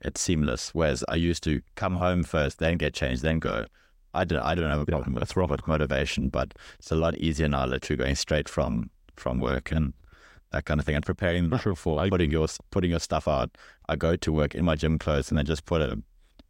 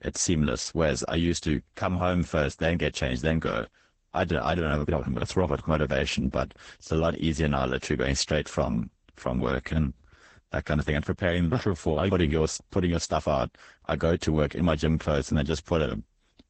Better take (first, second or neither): first